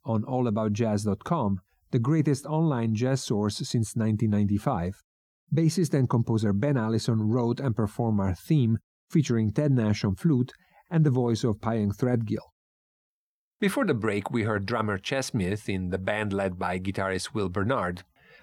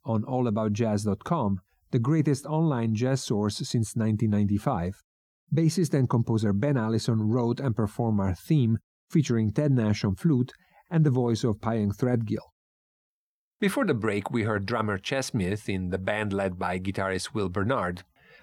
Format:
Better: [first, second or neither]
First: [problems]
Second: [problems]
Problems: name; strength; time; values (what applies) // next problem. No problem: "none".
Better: neither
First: none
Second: none